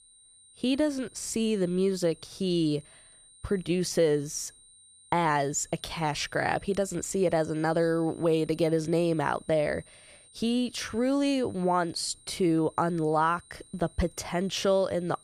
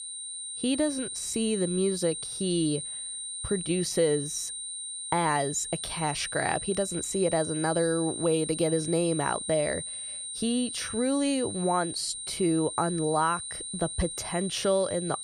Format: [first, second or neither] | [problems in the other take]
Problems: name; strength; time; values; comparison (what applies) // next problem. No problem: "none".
first | high-pitched whine; loud; throughout; 9 kHz, 5 dB below the speech; faint in the first